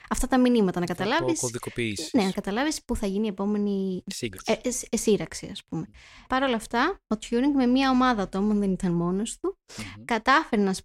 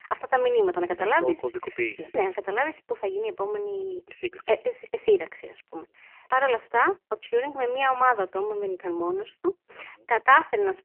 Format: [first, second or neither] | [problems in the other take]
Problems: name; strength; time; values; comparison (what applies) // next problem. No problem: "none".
first | phone-call audio; poor line; nothing above 3 kHz